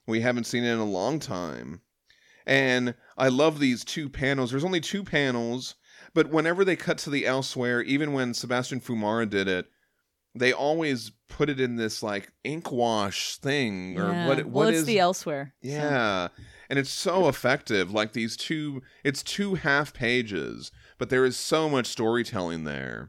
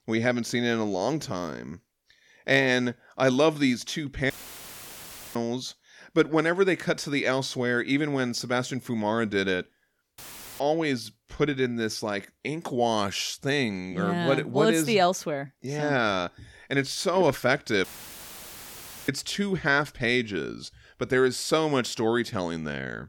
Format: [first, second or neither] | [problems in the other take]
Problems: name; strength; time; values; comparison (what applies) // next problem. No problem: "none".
first | audio cutting out; filled with static; at 4.5 s for 1 s, at 10 s and at 18 s for 1 s